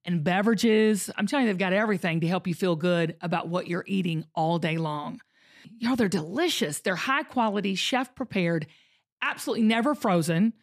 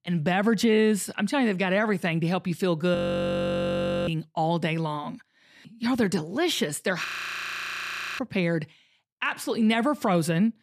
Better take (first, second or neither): first